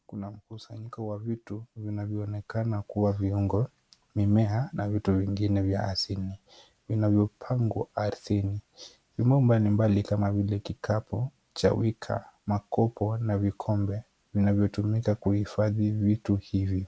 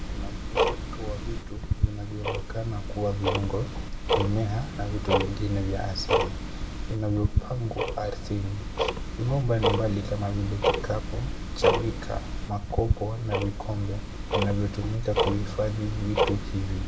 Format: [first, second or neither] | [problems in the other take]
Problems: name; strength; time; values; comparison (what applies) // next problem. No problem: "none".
first | background sound (Tick-tock); 1 dB above the speech // room echo; dies away in 1 s